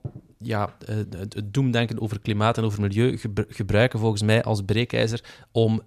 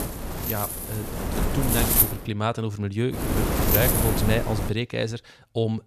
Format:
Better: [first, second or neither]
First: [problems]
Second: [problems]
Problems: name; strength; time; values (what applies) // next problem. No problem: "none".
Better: first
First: none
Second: wind noise on the microphone; heavy; until 2.5 s and from 3 to 4.5 s; 1 dB above the speech